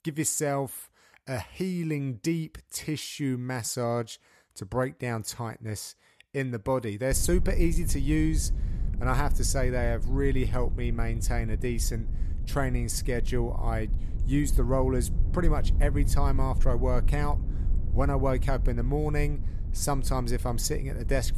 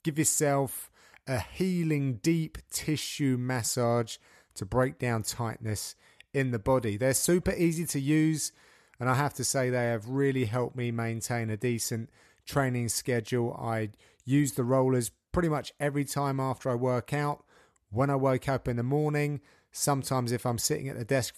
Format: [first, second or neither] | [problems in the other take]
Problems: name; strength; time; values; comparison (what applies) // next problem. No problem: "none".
second | low rumble; noticeable; from 7 s on; 15 dB below the speech